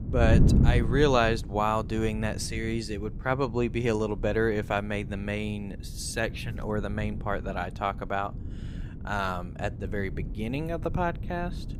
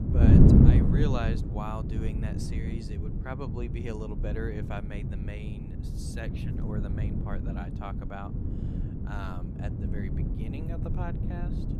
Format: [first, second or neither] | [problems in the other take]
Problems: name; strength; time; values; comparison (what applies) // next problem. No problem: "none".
first | wind noise on the microphone; heavy; 3 dB above the speech; occasional gusts in the first